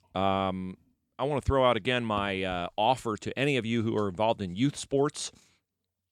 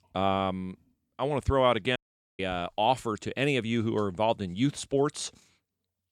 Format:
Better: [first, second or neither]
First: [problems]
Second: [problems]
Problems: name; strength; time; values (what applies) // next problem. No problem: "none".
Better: first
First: none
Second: audio cutting out; at 2 s